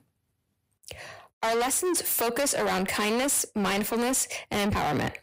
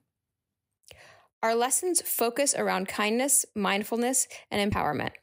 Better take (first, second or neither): second